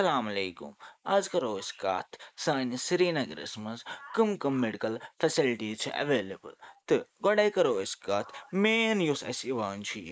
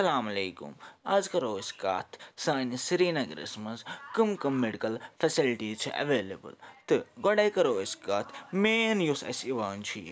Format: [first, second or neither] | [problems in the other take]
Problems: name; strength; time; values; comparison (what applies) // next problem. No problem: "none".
second | noise reduction (neural mask model Resemble Enhance denoiser)